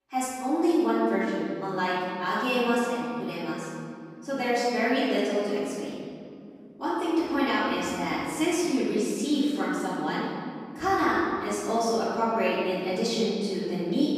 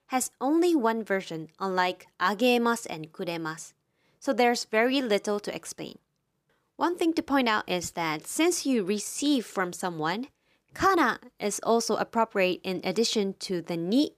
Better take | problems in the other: second | room echo; strong; dies away in 2.4 s // off-mic speech; far

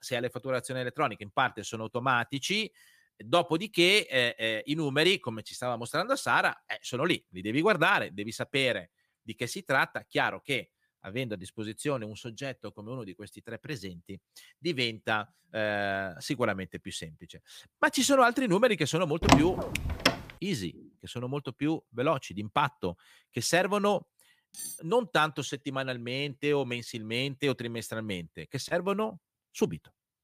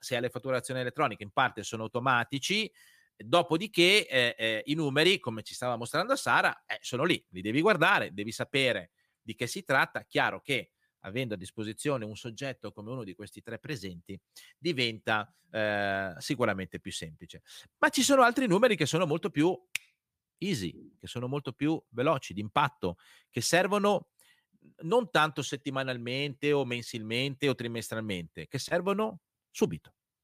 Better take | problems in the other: second | door banging; loud; at 19 s; peak 6 dB above the speech // clattering dishes; noticeable; at 25 s; peak 9 dB below the speech

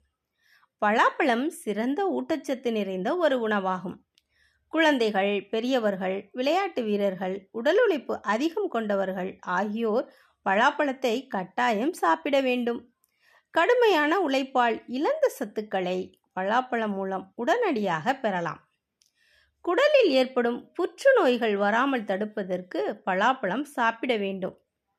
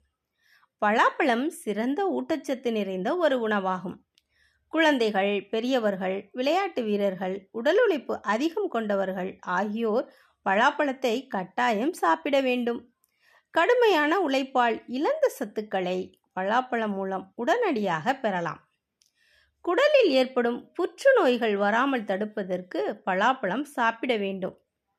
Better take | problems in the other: neither | none

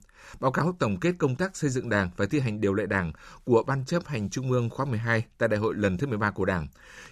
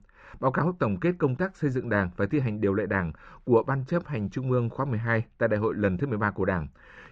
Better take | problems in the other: first | muffled; very; fading above 2 kHz

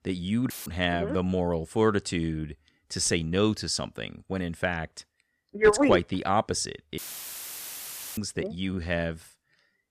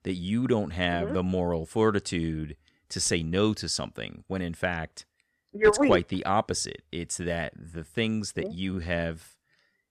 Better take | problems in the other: second | audio cutting out; filled with static; at 0.5 s and at 7 s for 1 s

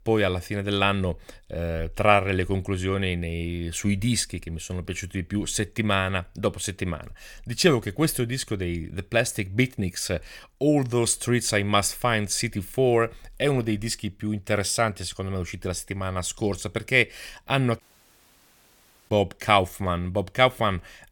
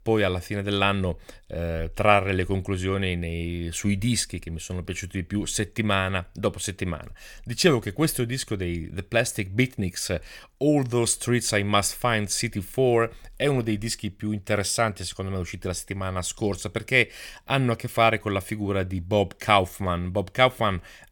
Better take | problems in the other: second | audio cutting out; at 18 s for 1.5 s

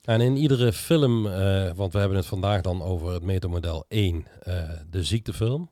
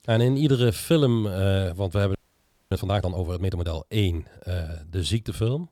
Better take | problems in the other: first | audio freezing; at 2 s for 0.5 s

